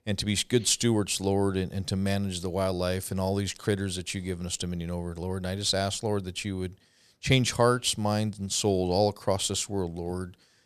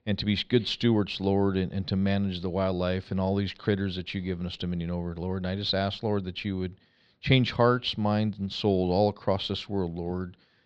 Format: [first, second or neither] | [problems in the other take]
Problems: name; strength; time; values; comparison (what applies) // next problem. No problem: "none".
first | muffled; very slightly; fading above 4 kHz